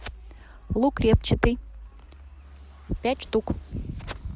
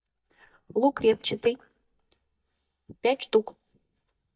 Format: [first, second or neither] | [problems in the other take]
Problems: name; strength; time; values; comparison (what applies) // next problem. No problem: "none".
first | noise reduction (neural mask model DeepFilterNet 3)